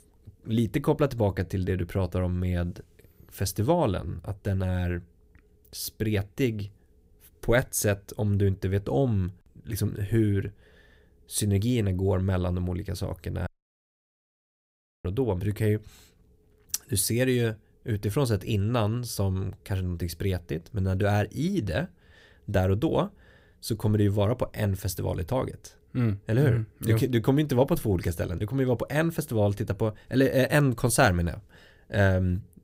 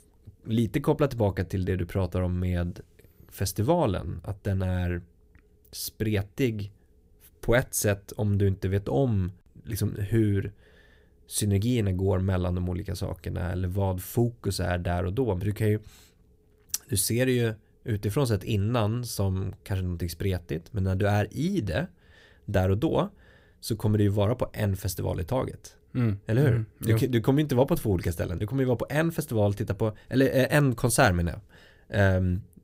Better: second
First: audio cutting out; at 13 s for 1.5 s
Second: none

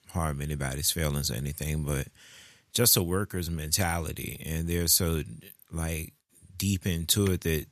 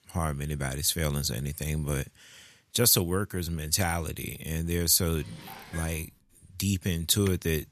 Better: first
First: none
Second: clattering dishes; faint; at 5 s; peak 15 dB below the speech

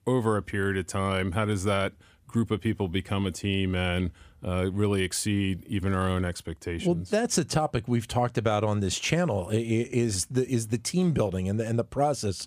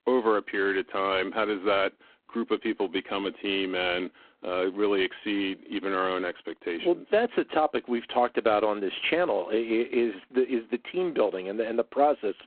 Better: first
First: none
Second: phone-call audio; poor line

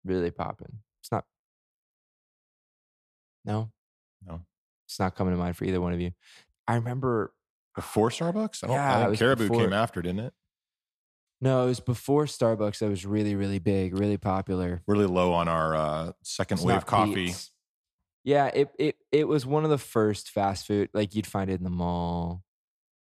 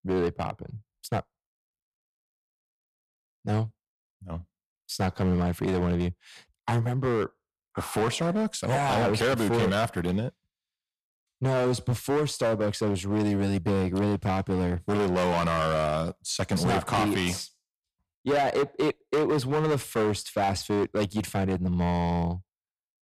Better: first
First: none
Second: distortion; heavy; 12% of the sound clipped

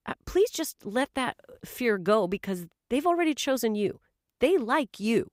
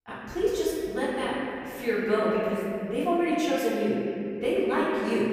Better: first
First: none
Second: room echo; strong; dies away in 2.9 s // off-mic speech; far

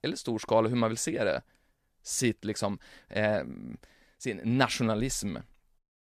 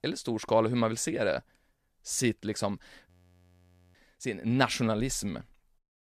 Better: first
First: none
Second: audio freezing; at 3 s for 1 s

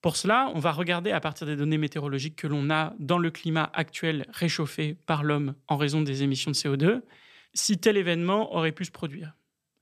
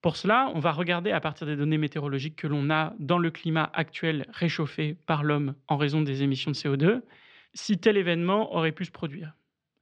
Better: first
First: none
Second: muffled; slightly; fading above 4 kHz

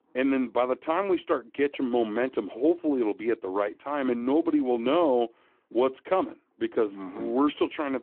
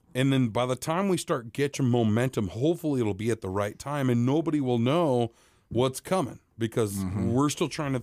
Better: second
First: phone-call audio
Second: none

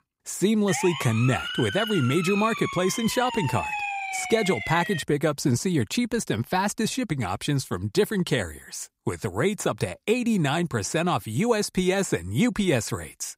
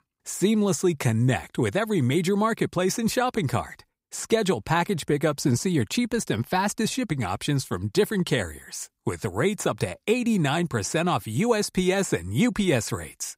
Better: second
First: siren; noticeable; from 0.5 to 5 s; peak 3 dB below the speech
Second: none

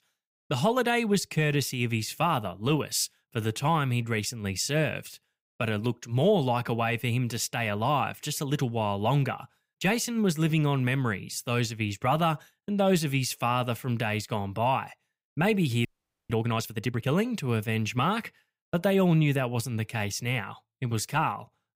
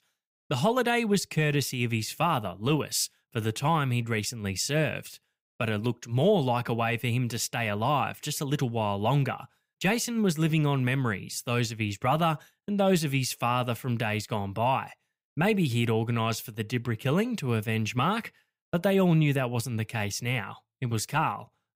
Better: second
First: audio freezing; at 16 s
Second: none

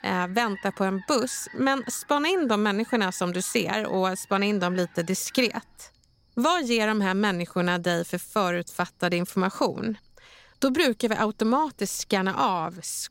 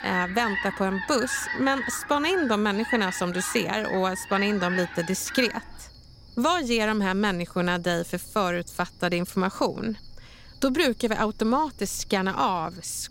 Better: first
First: animal sounds; faint; throughout; 20 dB below the speech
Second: animal sounds; loud; throughout; 7 dB below the speech

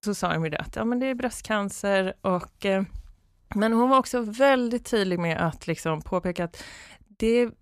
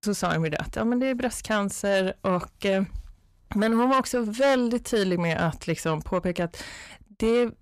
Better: first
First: none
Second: distortion; slight; 10 dB below the speech

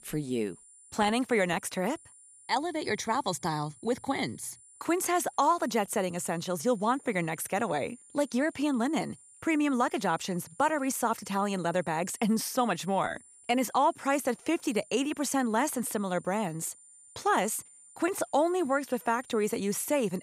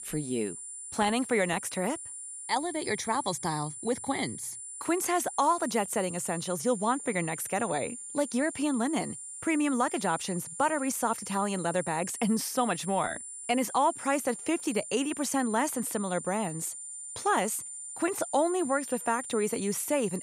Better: first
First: high-pitched whine; faint; throughout; 9 kHz, 25 dB below the speech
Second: high-pitched whine; loud; throughout; 9 kHz, 9 dB below the speech

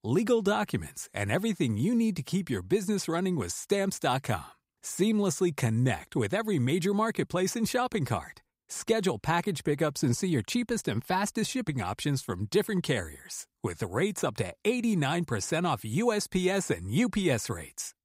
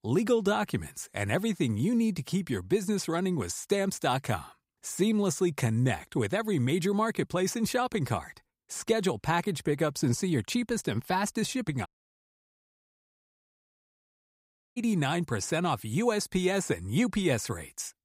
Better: first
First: none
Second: audio cutting out; at 12 s for 3 s

